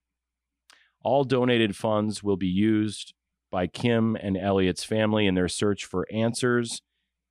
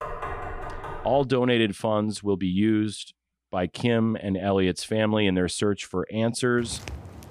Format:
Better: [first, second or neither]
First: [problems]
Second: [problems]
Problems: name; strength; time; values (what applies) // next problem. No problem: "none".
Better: first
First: none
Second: door banging; noticeable; until 1.5 s; peak 8 dB below the speech // footsteps; faint; at 6.5 s; peak 15 dB below the speech